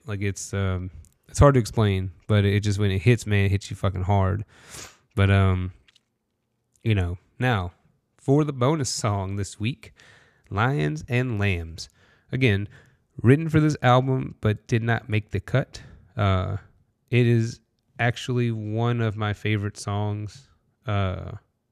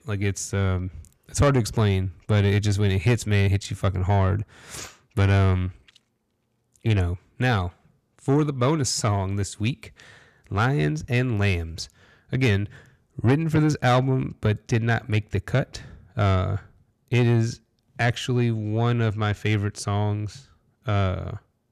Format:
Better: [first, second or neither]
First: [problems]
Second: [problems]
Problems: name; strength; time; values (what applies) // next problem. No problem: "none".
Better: first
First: none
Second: distortion; slight; 10 dB below the speech